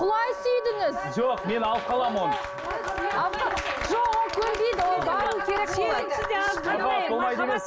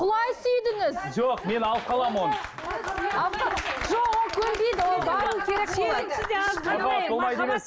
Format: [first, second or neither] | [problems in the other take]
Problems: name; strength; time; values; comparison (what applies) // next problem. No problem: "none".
second | background sound (Wind instrument, woodwind instrument); 10 dB below the speech